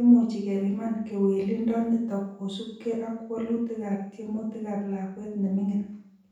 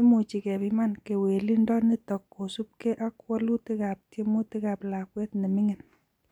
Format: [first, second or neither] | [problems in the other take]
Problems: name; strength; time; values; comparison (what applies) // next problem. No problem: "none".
second | room echo; dies away in 0.6 s